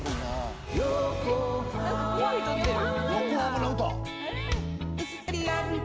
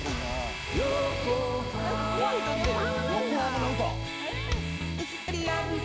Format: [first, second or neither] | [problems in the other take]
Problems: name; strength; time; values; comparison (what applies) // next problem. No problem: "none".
first | background sound (Domestic sounds, home sounds); 11 dB below the speech